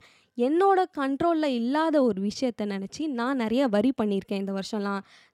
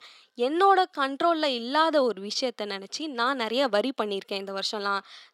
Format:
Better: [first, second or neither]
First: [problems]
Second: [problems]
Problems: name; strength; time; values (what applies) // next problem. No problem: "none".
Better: first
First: none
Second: thin; somewhat; fading below 450 Hz